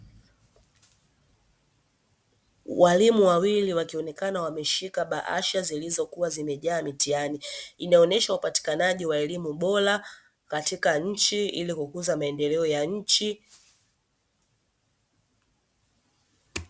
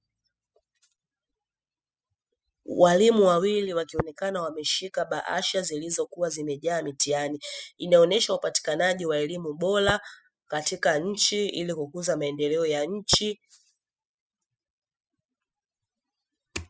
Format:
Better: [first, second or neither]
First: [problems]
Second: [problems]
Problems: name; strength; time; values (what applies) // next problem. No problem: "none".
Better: first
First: none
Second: noise reduction (classical method spectral subtraction)